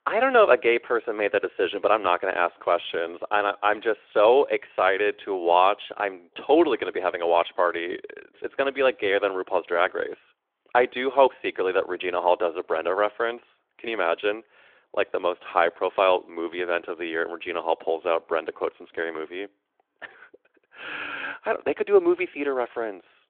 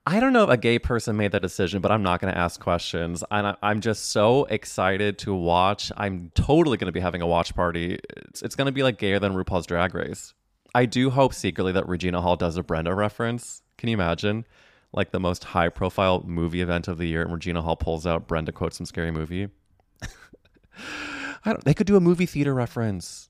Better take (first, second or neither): second